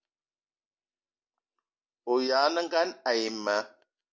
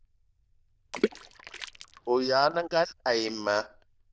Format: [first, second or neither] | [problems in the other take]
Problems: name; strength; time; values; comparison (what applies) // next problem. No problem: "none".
first | noise reduction (neural diffusion model UNIVERSE++)